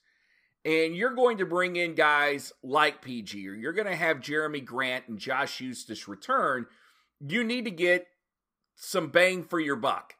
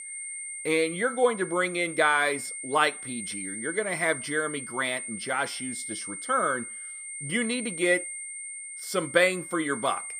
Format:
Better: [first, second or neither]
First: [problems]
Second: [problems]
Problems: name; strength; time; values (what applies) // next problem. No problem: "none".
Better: first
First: none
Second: high-pitched whine; loud; throughout; 9 kHz, 8 dB below the speech